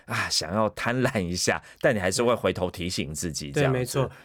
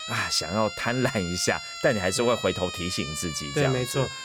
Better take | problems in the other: first | siren; noticeable; peak 7 dB below the speech

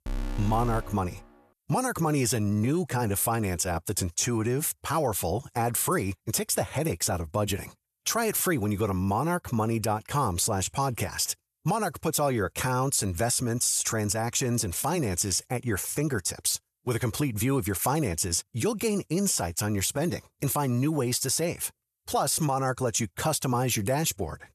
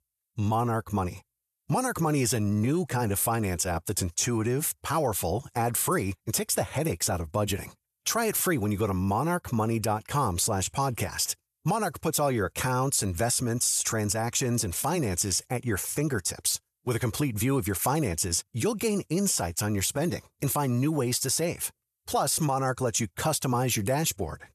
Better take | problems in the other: second | alarm; noticeable; until 1 s; peak 8 dB below the speech

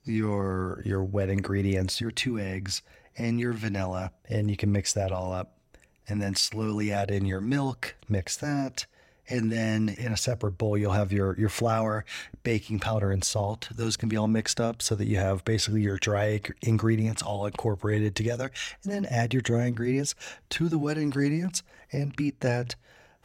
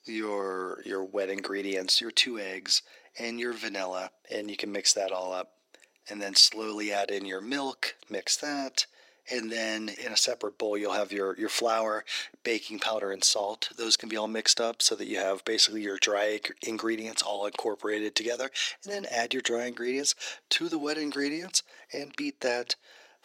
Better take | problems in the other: first | thin; somewhat; fading below 300 Hz

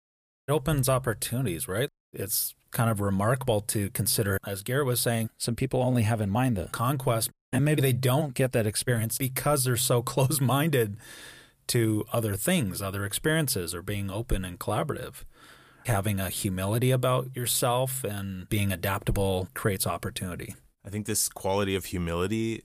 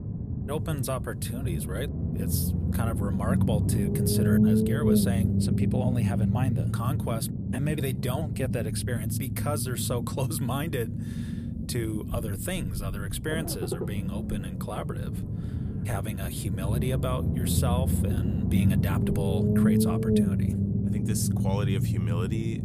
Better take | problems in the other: first | low rumble; loud; throughout; 1 dB below the speech

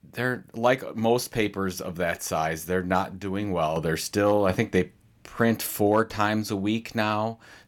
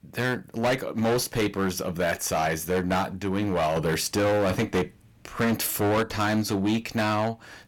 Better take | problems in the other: first | distortion; heavy; 13% of the sound clipped

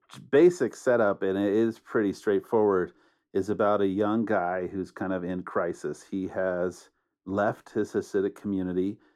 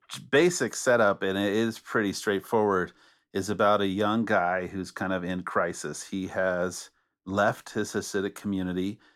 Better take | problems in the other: second | muffled; slightly; fading above 2 kHz

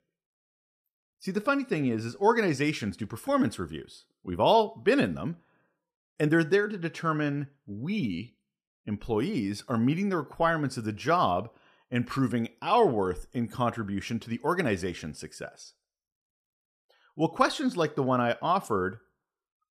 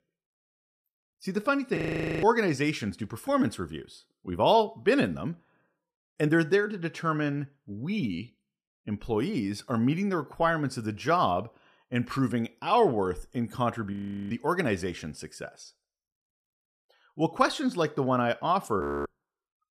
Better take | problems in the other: first | audio freezing; at 2 s, at 14 s and at 19 s

